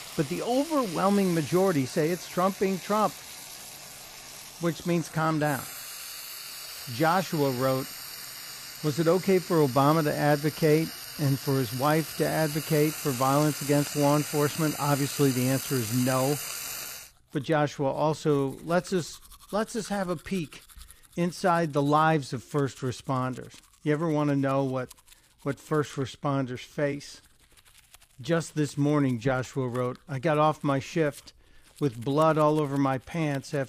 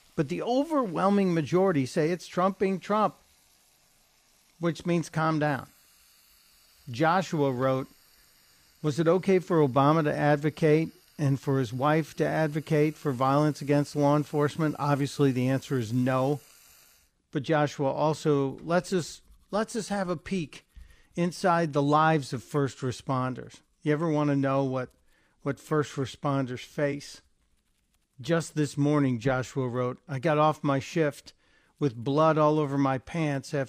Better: second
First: household noises; loud; throughout; 10 dB below the speech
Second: household noises; faint; throughout; 30 dB below the speech

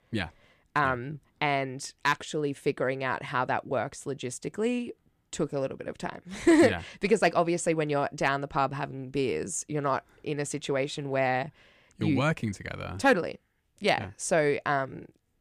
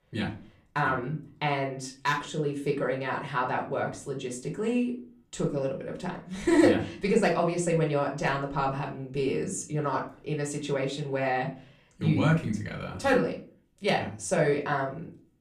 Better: first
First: none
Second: room echo; slight; dies away in 0.3 s // off-mic speech; far

